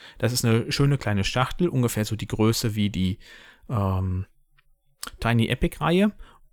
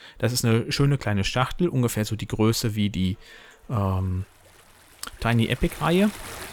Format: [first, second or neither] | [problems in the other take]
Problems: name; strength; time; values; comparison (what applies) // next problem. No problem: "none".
first | rain or running water; noticeable; throughout; 20 dB below the speech